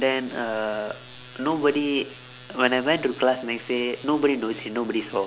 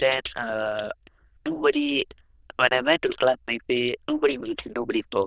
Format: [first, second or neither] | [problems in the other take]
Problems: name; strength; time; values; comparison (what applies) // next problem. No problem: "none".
first | noise reduction (neural diffusion model UNIVERSE++)